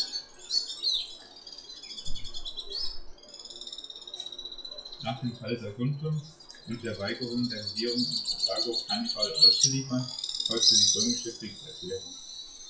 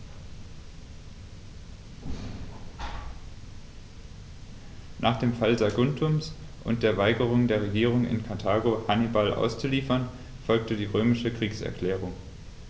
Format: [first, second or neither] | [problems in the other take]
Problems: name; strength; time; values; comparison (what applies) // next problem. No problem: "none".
second | noise reduction (classical method WPE with log-MMSE)